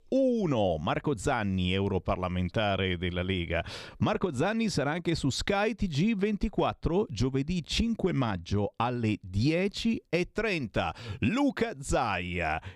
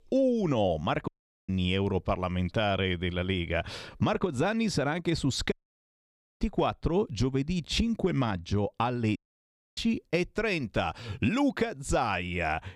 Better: first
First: none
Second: audio cutting out; at 1 s, at 5.5 s for 1 s and at 9 s for 0.5 s

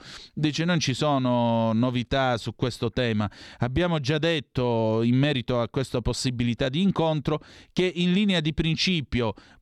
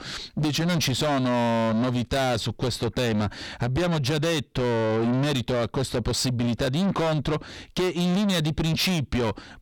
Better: first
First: none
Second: distortion; heavy; 7 dB below the speech

